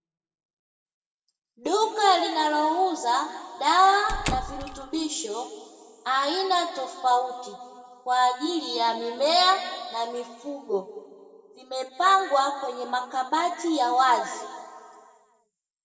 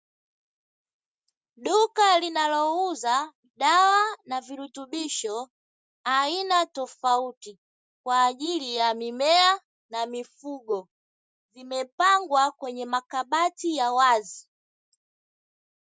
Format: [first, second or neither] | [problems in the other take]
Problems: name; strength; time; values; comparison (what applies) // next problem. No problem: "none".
second | background sound (Squeak / Slam / Wood); 7 dB below the speech // room echo; dies away in 1.8 s